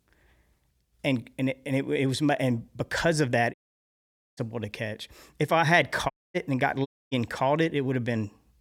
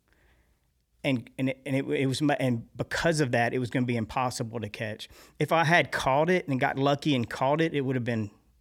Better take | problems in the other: second | audio cutting out; at 3.5 s for 1 s, at 6 s and at 7 s

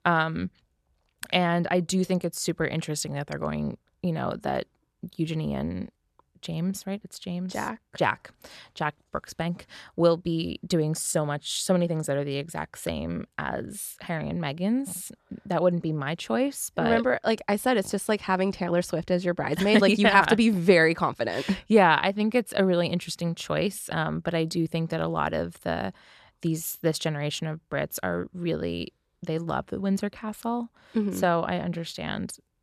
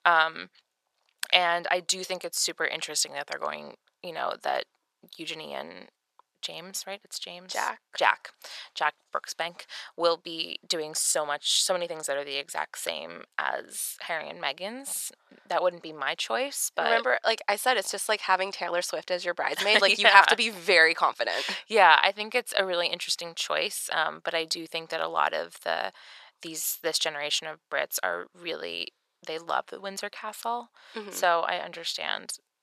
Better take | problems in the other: first | thin; very; fading below 750 Hz

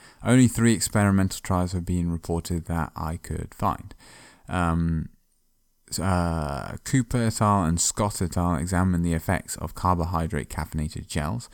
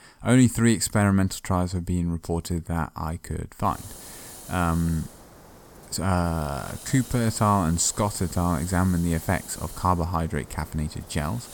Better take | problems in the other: first | hiss; noticeable; from 3.5 s on; 15 dB below the speech

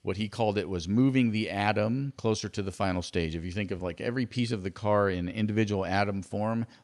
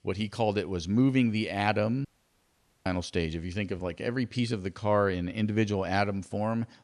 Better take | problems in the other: first | audio cutting out; at 2 s for 1 s

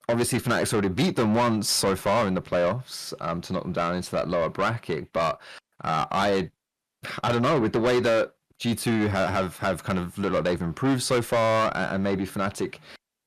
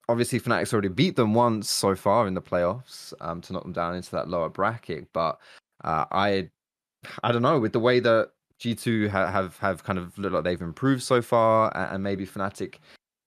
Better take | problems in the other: second | distortion; heavy; 7 dB below the speech

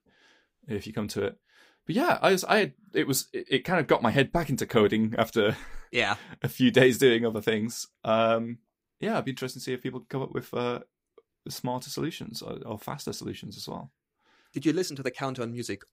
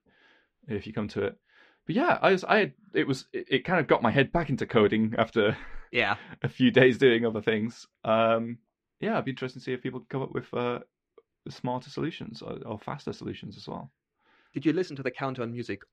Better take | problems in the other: first | muffled; slightly; fading above 2.5 kHz

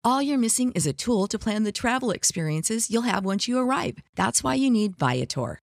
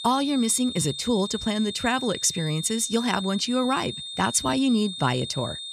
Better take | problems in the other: first | high-pitched whine; loud; throughout; 3.5 kHz, 8 dB below the speech

